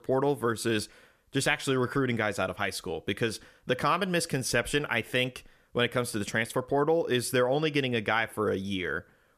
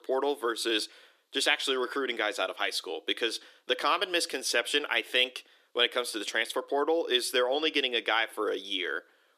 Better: first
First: none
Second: thin; somewhat; fading below 300 Hz

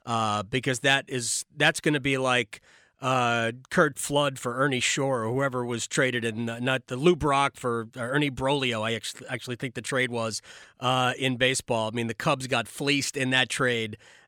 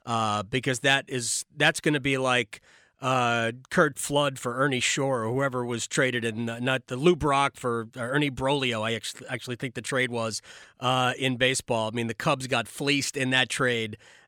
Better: neither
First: none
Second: none

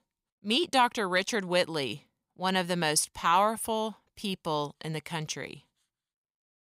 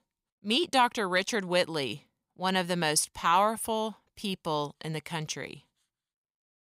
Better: neither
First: none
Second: none

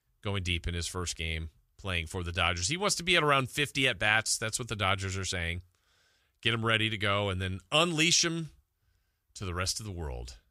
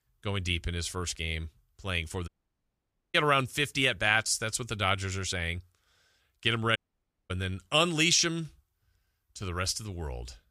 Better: first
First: none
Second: audio cutting out; at 2.5 s for 1 s and at 7 s for 0.5 s

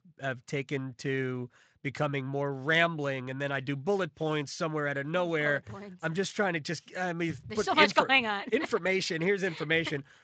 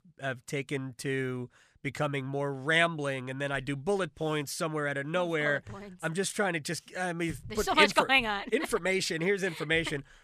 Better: second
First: garbled, watery; slightly; nothing above 7.5 kHz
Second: none

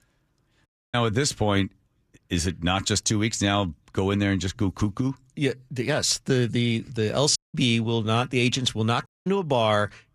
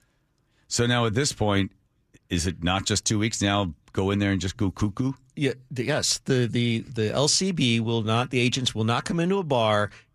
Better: second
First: audio cutting out; at 0.5 s, at 7.5 s and at 9 s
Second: none

